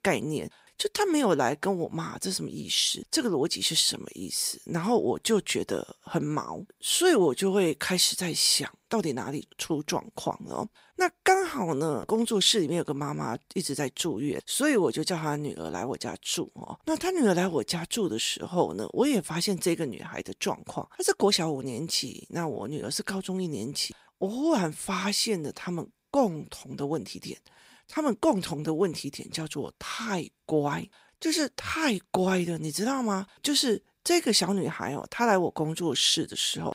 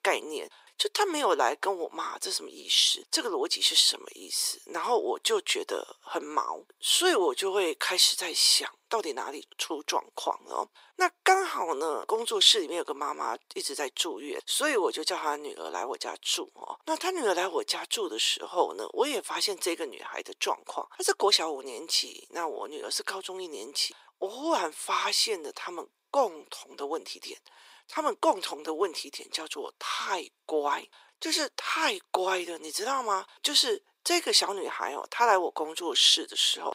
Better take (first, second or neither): first